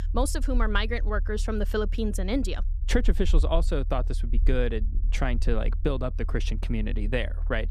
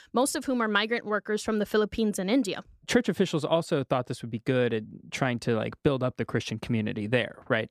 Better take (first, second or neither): second